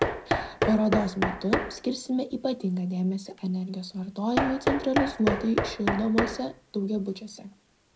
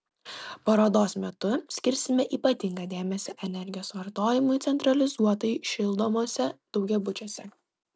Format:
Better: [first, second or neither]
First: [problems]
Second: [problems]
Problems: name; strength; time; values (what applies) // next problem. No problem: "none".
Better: second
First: background sound (Knock); 3 dB below the speech // room echo; dies away in 0.4 s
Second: none